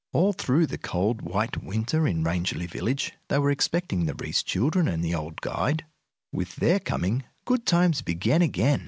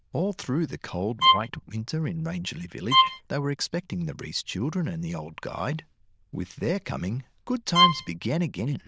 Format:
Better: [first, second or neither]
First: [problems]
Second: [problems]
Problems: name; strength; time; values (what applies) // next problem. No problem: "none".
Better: first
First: none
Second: noise reduction (neural diffusion model UNIVERSE++)